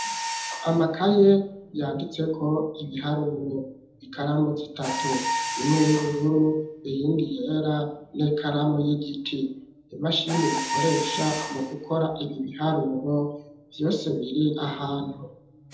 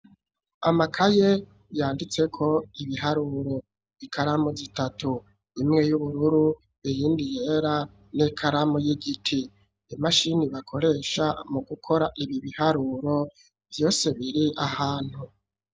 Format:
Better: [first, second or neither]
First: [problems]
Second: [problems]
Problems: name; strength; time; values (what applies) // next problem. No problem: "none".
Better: second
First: background sound (Mechanisms); 10 dB below the speech // room echo; dies away in 0.8 s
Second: none